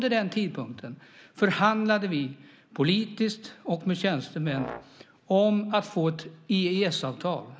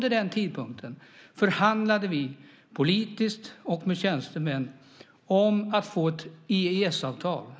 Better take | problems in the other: second | background sound (Brass instrument); 15 dB below the speech

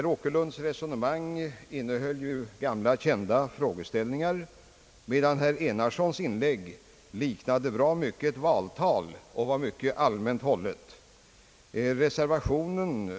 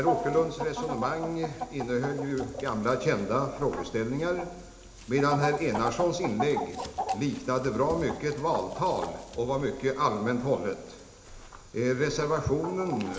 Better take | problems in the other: first | background sound (Chicken, rooster); 9 dB below the speech // room echo; dies away in 0.8 s

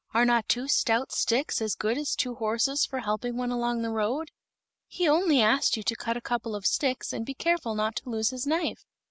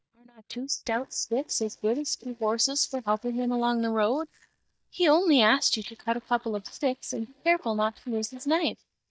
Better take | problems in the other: first | noise reduction (neural mask model DeepFilterNet 3)

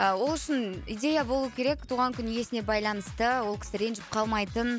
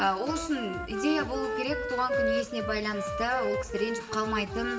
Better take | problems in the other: first | background sound (Wind instrument, woodwind instrument); 2 dB below the speech // room echo; dies away in 2.9 s

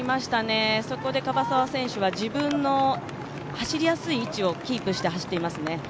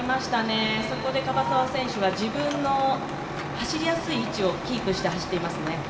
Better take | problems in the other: first | background sound (Truck); 9 dB below the speech // room echo; dies away in 2.2 s

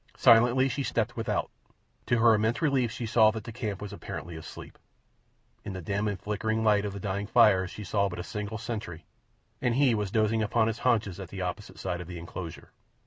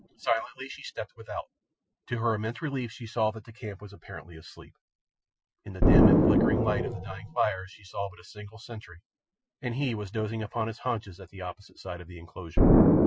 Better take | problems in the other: first | noise reduction (classical method Wiener filter)

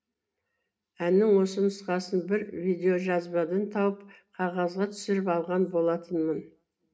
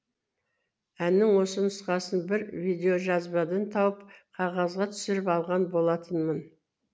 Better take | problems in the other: second | room echo; dies away in 0.3 s

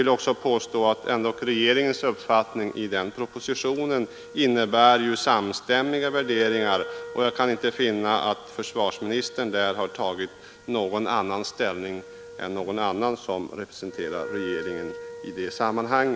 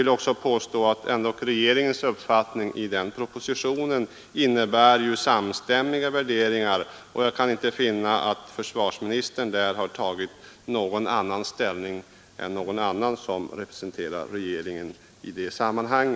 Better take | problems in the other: second | background sound (Wind instrument, woodwind instrument); 17 dB below the speech

